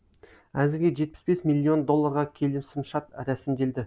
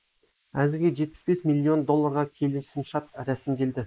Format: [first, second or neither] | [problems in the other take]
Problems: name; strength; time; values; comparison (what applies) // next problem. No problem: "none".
first | noise reduction (neural mask model Resemble Enhance denoiser)